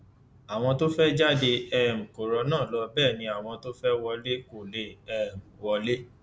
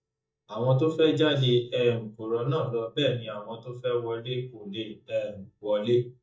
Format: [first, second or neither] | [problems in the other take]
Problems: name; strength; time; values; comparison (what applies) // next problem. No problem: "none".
first | noise reduction (neural mask model DeepFilterNet 3)